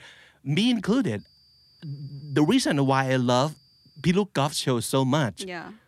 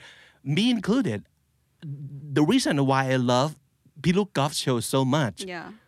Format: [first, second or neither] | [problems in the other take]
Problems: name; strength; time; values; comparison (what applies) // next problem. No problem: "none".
second | high-pitched whine; faint; from 1 to 4 s; 4.5 kHz, 35 dB below the speech